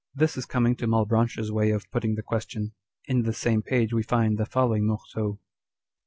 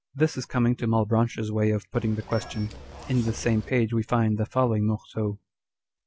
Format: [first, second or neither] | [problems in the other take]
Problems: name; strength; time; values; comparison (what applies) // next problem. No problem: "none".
first | background sound (Zipper (clothing) / Telephone); 15 dB below the speech